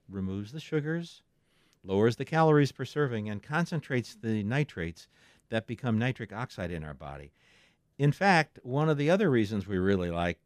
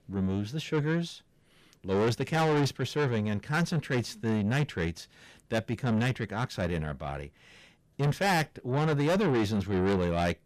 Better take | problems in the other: first | distortion; heavy; 6 dB below the speech

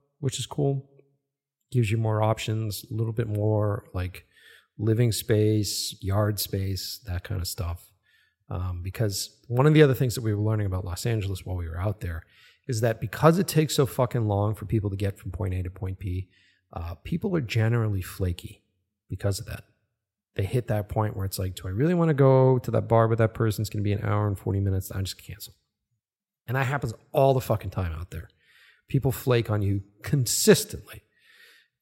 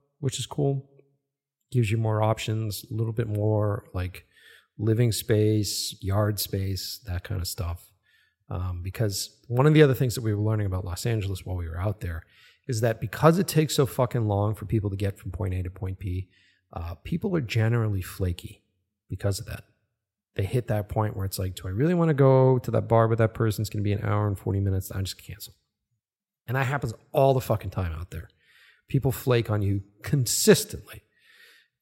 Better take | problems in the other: neither | none

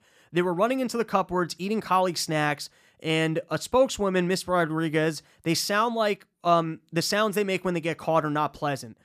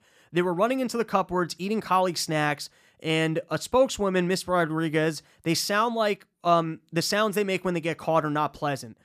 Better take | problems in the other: neither | none

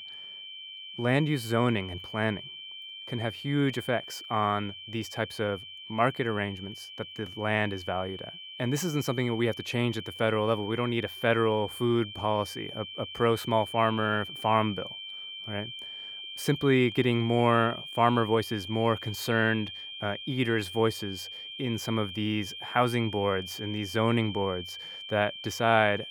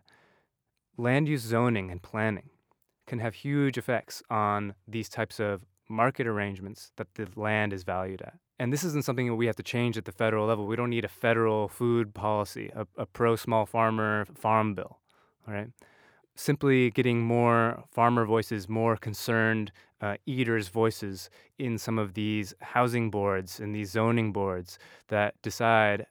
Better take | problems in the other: second | high-pitched whine; noticeable; throughout; 3 kHz, 10 dB below the speech

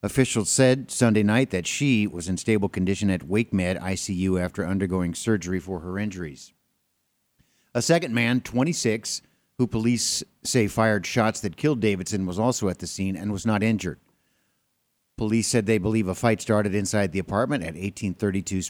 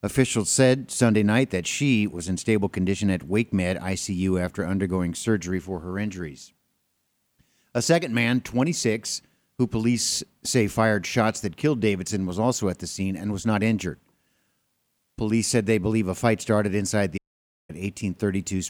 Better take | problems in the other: first | audio cutting out; at 17 s for 0.5 s

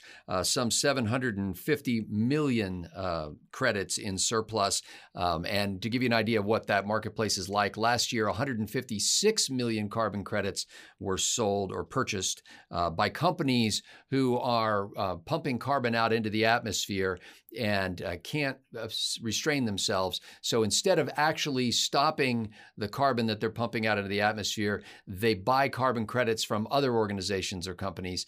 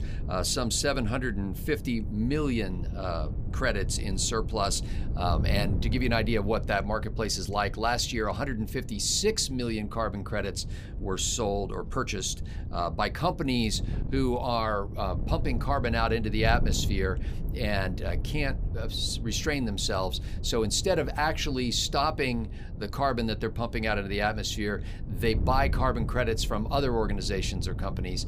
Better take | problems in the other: first | wind noise on the microphone; occasional gusts; 15 dB below the speech

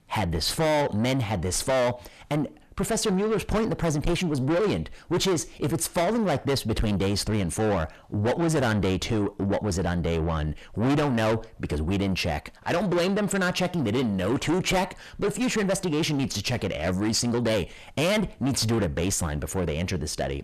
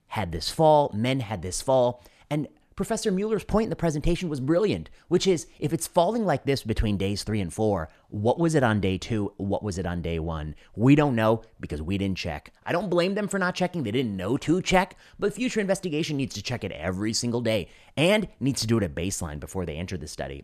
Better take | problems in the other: second | distortion; heavy; 6 dB below the speech

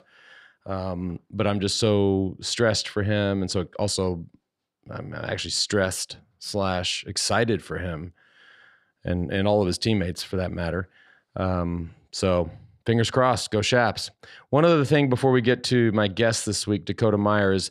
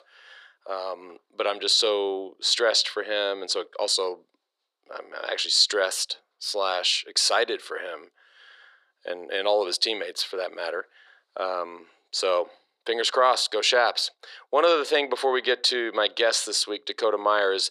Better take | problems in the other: first | thin; very; fading below 400 Hz

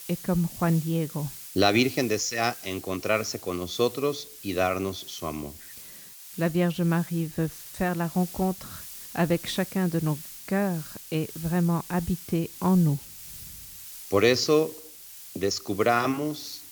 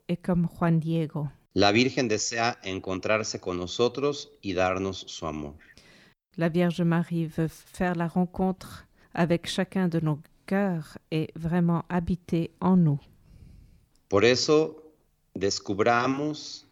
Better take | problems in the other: second | hiss; noticeable; throughout; 15 dB below the speech

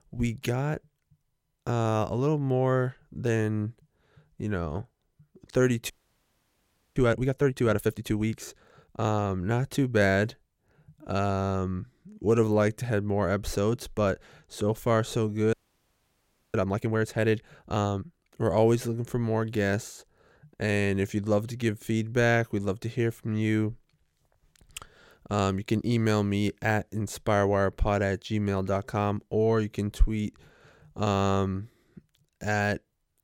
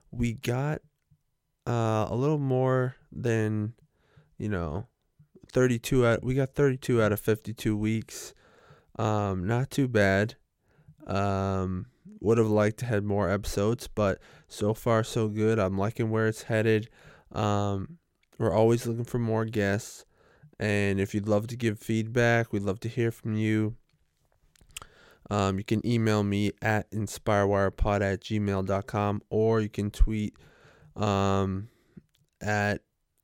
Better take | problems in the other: second | audio freezing; at 6 s for 1 s and at 16 s for 1 s

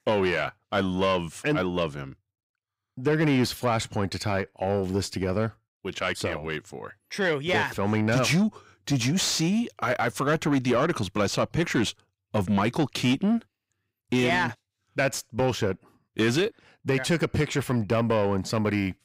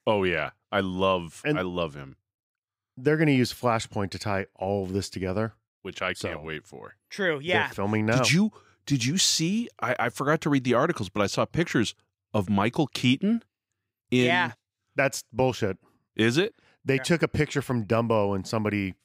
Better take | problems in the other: second | distortion; slight; 10 dB below the speech

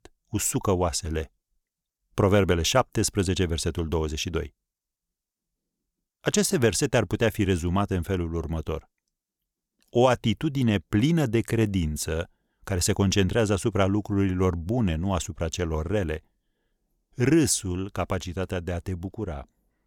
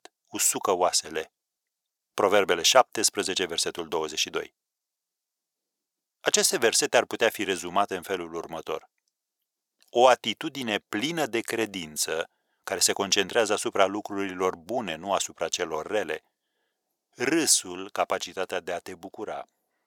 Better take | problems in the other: first | thin; very; fading below 500 Hz

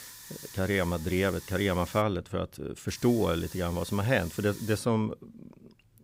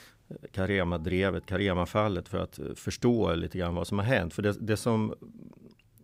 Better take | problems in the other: second | hiss; noticeable; until 2 s and from 3 to 5 s; 15 dB below the speech

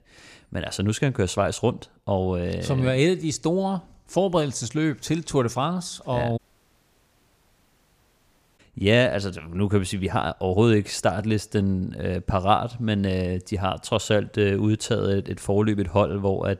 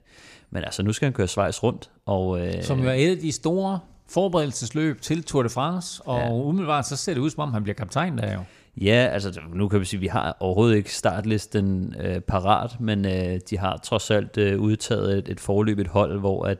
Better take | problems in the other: second | audio cutting out; at 6.5 s for 2 s

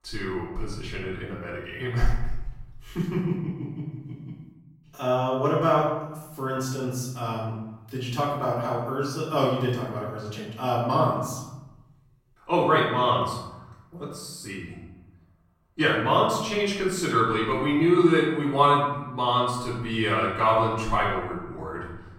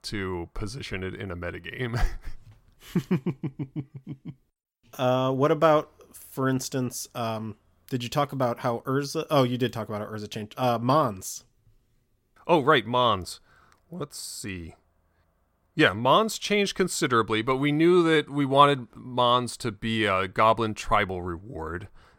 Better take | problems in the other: second | off-mic speech; far // room echo; noticeable; dies away in 0.9 s

